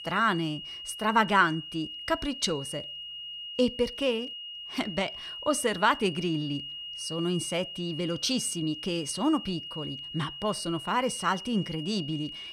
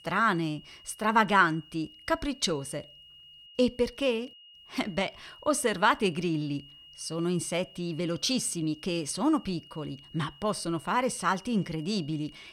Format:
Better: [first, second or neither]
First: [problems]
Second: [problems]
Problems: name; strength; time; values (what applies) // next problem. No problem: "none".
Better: second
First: high-pitched whine; loud; throughout; 3 kHz, 9 dB below the speech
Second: high-pitched whine; faint; throughout; 3 kHz, 20 dB below the speech